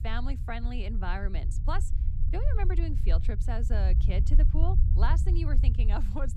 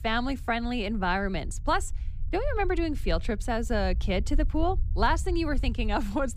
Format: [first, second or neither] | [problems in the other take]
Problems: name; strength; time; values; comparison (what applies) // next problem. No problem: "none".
second | low rumble; loud; throughout; 8 dB below the speech; faint in the second